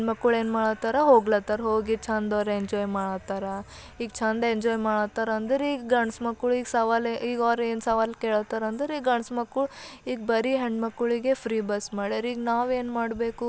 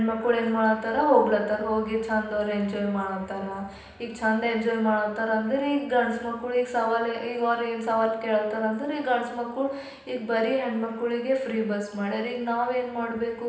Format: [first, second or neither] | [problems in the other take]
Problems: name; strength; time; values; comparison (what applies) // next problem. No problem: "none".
first | room echo; dies away in 0.9 s